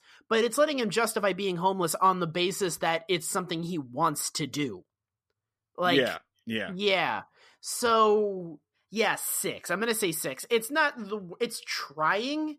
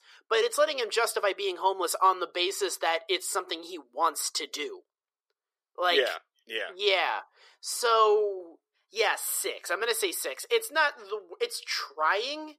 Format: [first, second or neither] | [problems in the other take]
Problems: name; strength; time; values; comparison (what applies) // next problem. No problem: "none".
first | thin; very; fading below 400 Hz